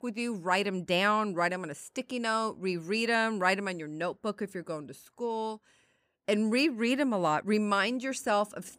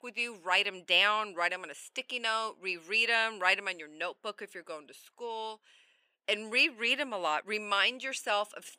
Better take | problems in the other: first | thin; somewhat; fading below 500 Hz

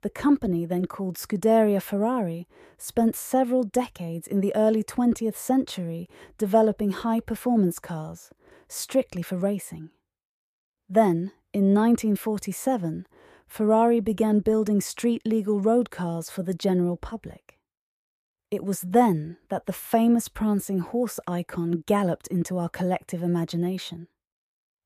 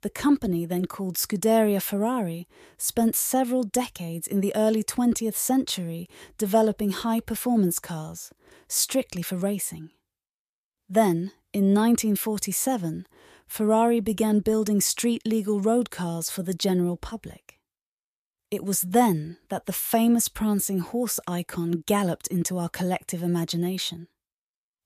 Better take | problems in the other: second | muffled; slightly; fading above 2.5 kHz

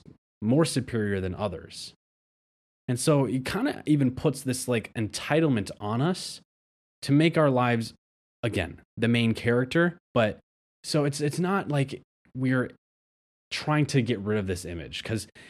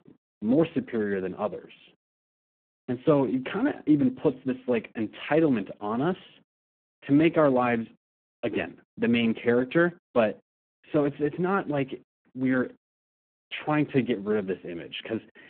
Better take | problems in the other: first | phone-call audio; poor line

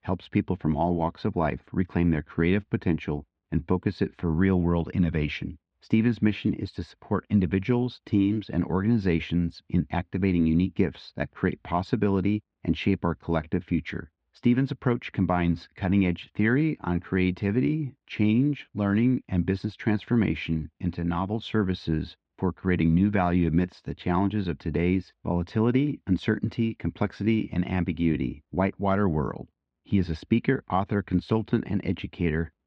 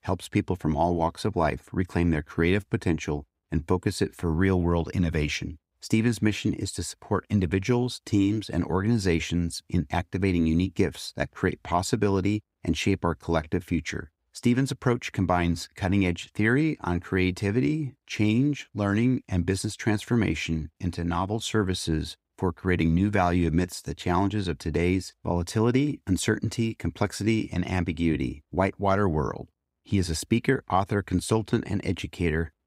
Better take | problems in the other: second | muffled; slightly; fading above 3.5 kHz

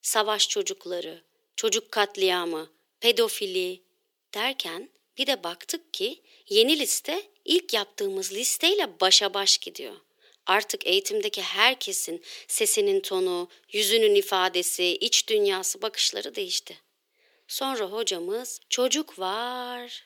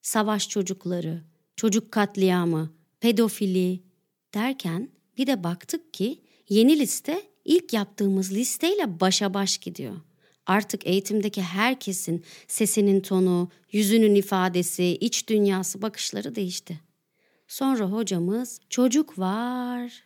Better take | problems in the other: second | thin; very; fading below 400 Hz

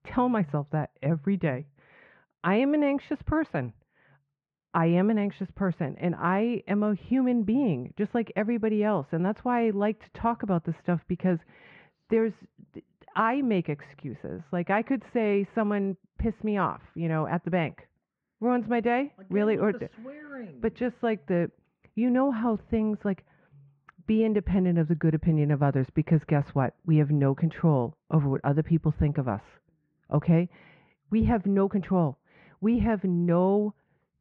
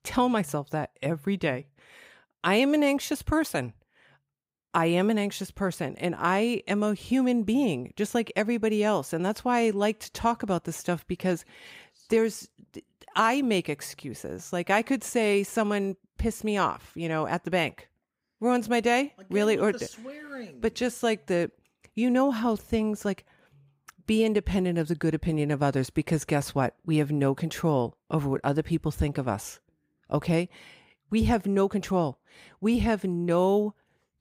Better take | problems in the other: second | muffled; very; fading above 2 kHz

